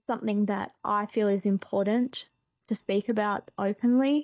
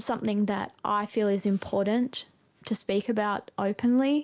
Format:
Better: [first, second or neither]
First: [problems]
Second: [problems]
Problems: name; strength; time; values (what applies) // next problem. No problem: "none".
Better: second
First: noise reduction (neural mask model DeepFilterNet 3)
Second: none